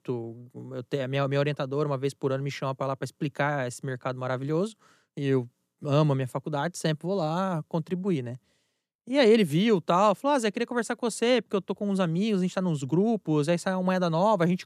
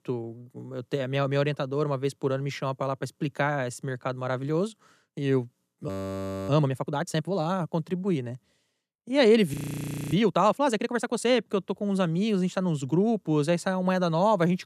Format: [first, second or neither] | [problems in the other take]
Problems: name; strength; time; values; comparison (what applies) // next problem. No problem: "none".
first | audio freezing; at 6 s for 0.5 s and at 9.5 s for 0.5 s